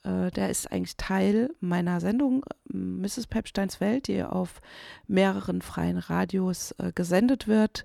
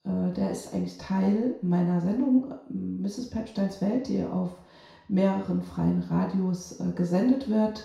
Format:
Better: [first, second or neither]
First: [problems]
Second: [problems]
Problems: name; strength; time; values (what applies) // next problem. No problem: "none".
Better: first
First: none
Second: room echo; noticeable; dies away in 0.6 s // off-mic speech; far